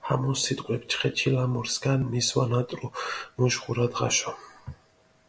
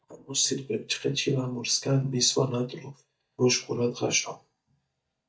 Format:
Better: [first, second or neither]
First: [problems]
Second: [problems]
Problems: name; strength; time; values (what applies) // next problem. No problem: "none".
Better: first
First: none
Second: noise reduction (neural mask model DeepFilterNet 3)